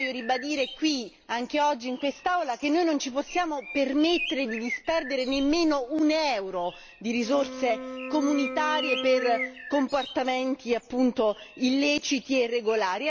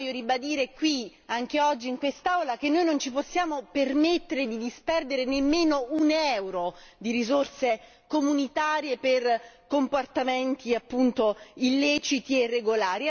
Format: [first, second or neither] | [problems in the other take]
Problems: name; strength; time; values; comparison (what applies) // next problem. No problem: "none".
second | background sound (Bird + Wind instrument, woodwind instrument); 12 dB below the speech